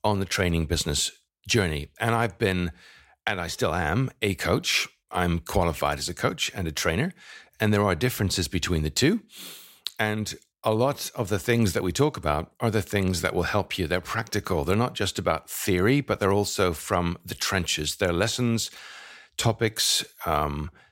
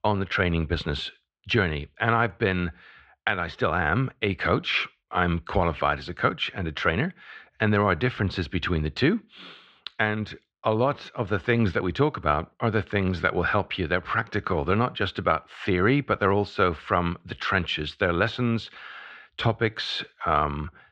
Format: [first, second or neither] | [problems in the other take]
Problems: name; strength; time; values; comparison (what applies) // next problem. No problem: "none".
first | muffled; very; fading above 3 kHz